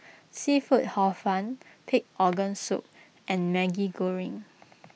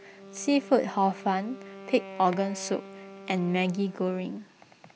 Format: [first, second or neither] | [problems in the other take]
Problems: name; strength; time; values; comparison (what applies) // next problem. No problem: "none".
first | background sound (Wind instrument, woodwind instrument); 16 dB below the speech